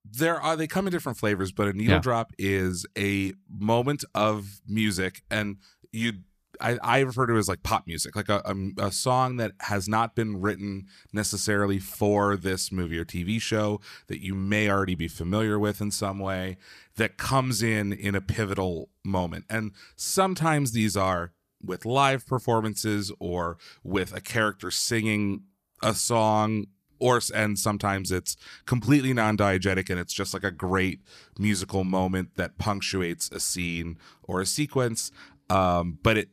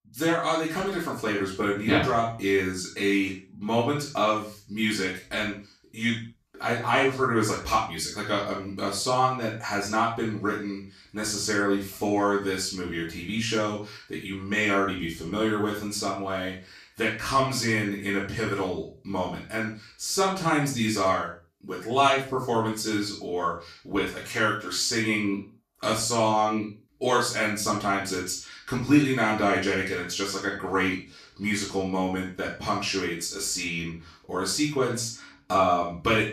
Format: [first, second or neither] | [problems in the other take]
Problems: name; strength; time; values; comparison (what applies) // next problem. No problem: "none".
first | room echo; noticeable; dies away in 0.3 s // off-mic speech; far